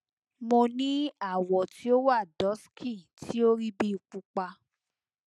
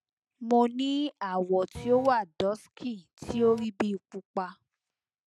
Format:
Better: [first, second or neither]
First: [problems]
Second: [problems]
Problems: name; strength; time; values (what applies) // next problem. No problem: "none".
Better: first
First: none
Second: background sound (Printer); 12 dB below the speech